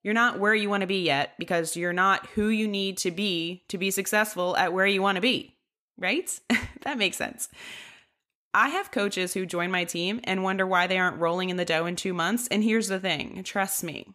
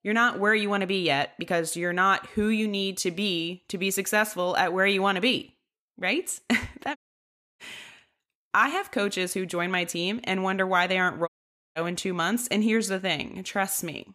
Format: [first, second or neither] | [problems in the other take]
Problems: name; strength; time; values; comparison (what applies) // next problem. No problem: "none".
first | audio cutting out; at 7 s for 0.5 s and at 11 s